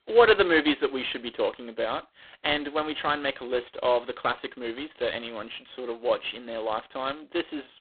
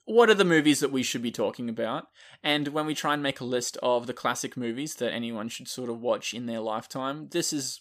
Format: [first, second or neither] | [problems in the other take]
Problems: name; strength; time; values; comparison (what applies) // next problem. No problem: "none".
second | phone-call audio; poor line; nothing above 4 kHz